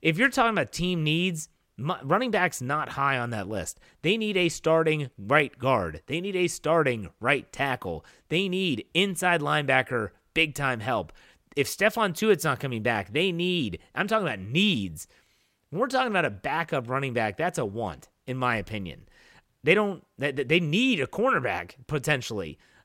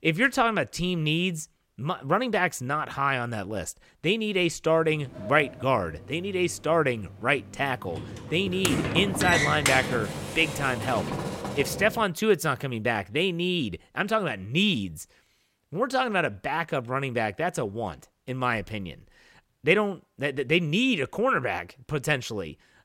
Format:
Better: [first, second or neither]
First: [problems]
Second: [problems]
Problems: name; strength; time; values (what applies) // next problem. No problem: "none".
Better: first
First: none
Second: door banging; loud; from 5.5 to 12 s; peak 3 dB above the speech